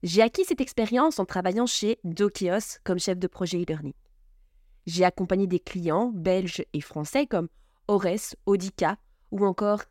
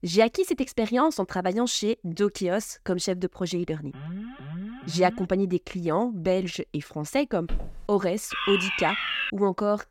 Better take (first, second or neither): first